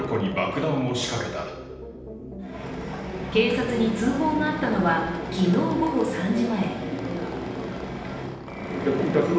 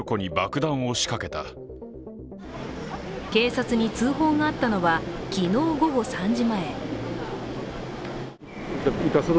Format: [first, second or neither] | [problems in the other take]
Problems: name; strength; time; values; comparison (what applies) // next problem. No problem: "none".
second | background sound (Squeak); 16 dB below the speech // room echo; dies away in 0.9 s